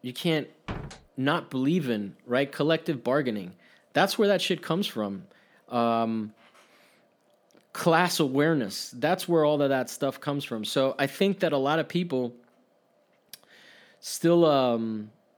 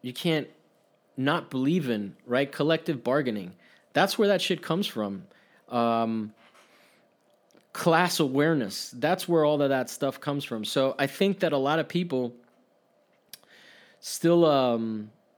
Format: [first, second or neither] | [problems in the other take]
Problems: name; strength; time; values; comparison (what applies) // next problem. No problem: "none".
second | door banging; faint; at 0.5 s; peak 10 dB below the speech